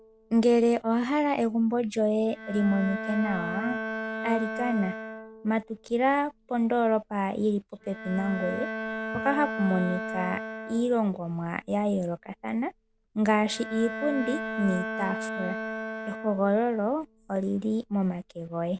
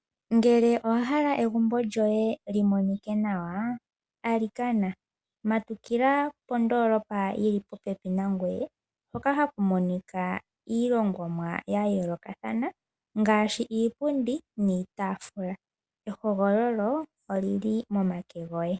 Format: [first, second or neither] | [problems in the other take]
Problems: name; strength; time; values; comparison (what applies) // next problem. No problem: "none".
second | background sound (Bowed string instrument); 9 dB below the speech